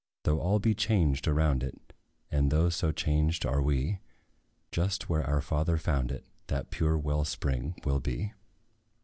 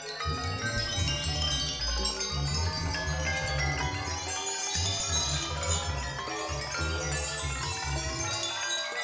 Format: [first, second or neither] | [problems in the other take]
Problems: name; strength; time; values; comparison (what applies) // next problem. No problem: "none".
first | background sound (Chime); 3 dB above the speech // room echo; dies away in 1.1 s